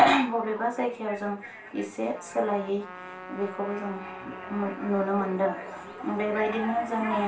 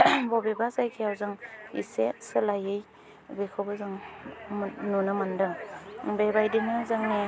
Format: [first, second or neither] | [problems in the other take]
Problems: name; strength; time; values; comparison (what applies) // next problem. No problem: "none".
second | background sound (Trumpet); 17 dB below the speech // room echo; dies away in 0.3 s